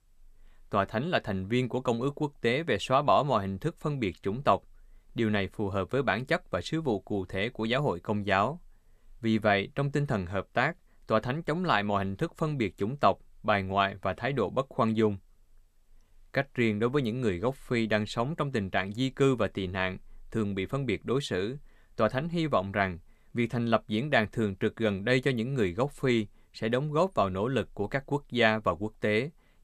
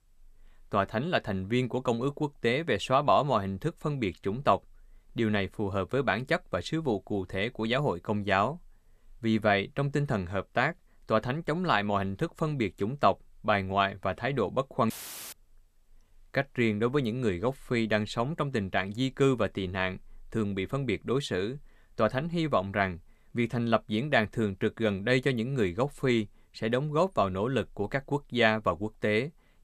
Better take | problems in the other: first | audio cutting out; filled with static; at 15 s

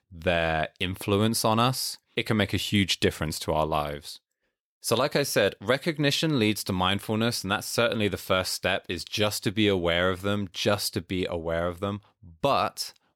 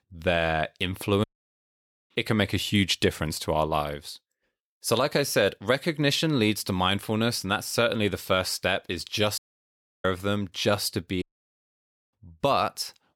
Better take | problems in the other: first | audio cutting out; at 1 s for 1 s, at 9.5 s for 0.5 s and at 11 s for 1 s

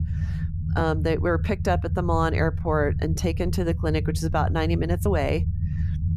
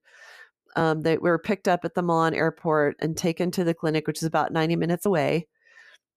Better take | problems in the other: second | low rumble; noticeable; throughout; 15 dB below the speech

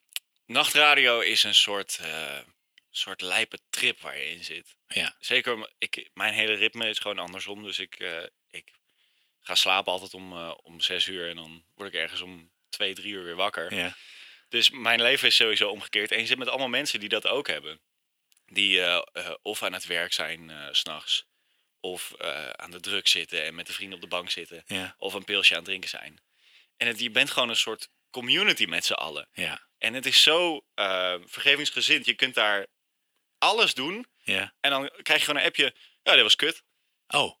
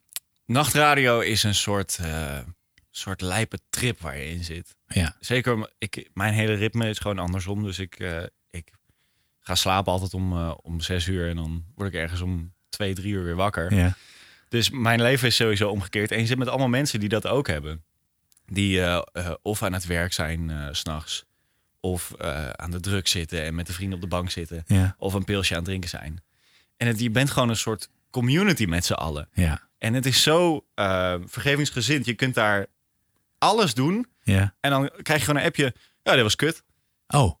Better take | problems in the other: second | thin; somewhat; fading below 400 Hz

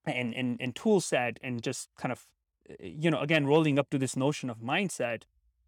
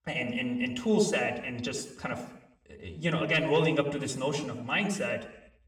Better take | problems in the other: first | room echo; slight; dies away in 0.7 s // off-mic speech; somewhat distant

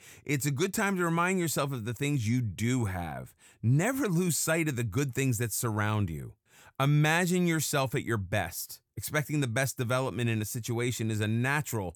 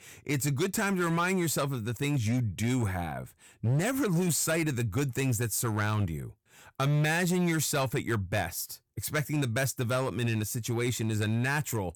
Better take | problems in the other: first | distortion; slight; 9% of the sound clipped

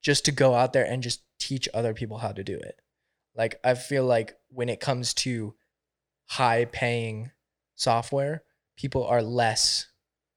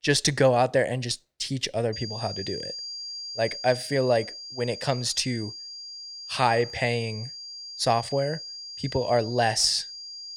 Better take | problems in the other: first | high-pitched whine; noticeable; from 2 s on; 5 kHz, 10 dB below the speech

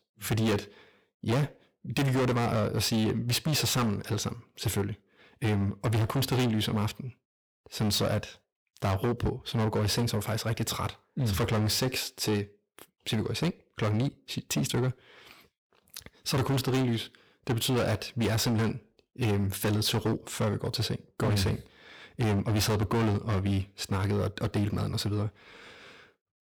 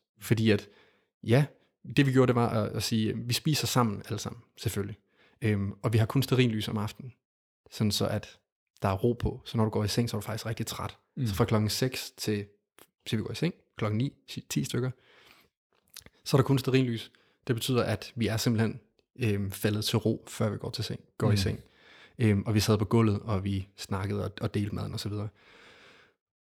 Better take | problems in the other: second | distortion; heavy; 16% of the sound clipped

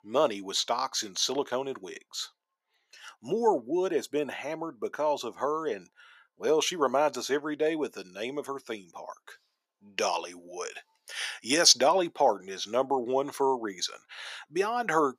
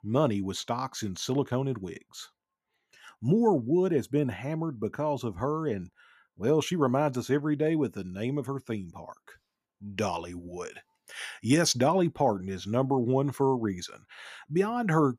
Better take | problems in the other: second | thin; somewhat; fading below 500 Hz

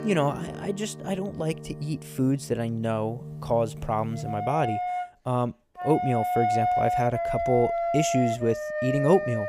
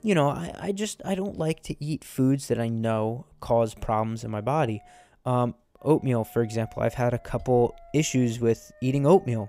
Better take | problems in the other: second | background music; loud; throughout; 2 dB below the speech; faint in the second

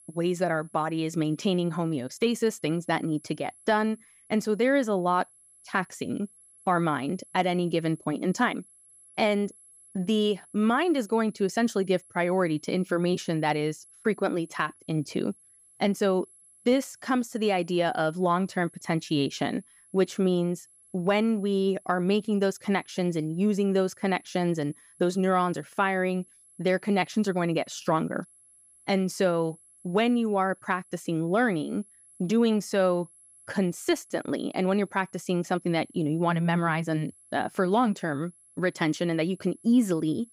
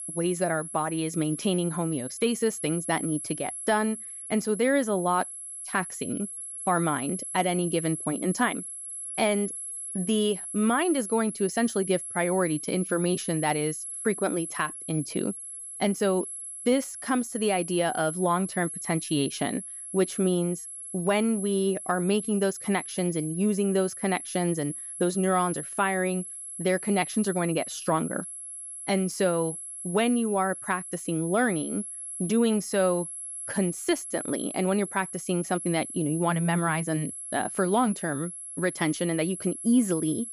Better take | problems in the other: first | high-pitched whine; loud; throughout; 11 kHz, 8 dB below the speech; faint in the first

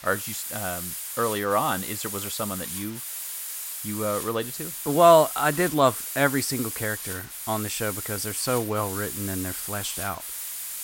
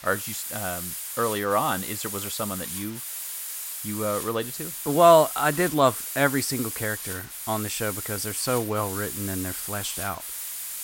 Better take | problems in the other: neither | hiss; loud; throughout; 6 dB below the speech; the same in both

